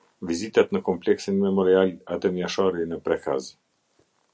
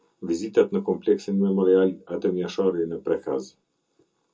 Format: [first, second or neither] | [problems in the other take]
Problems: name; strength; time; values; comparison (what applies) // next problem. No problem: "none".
first | room echo; dies away in 0.2 s